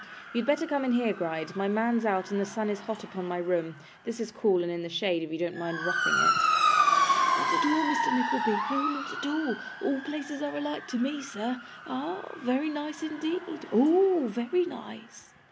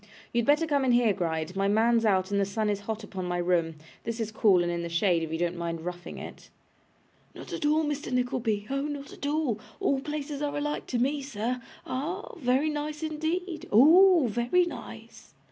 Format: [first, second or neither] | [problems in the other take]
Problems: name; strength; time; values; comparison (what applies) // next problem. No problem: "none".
second | background sound (Motor vehicle (road) / Siren); 2 dB below the speech